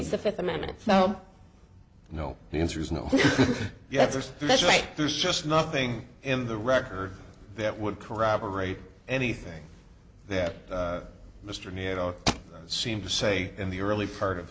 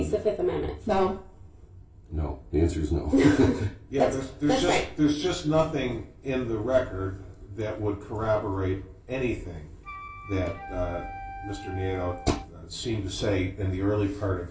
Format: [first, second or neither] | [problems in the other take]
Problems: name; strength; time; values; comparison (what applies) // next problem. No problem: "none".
first | background sound (Wind instrument, woodwind instrument); 14 dB below the speech // room echo; dies away in 0.3 s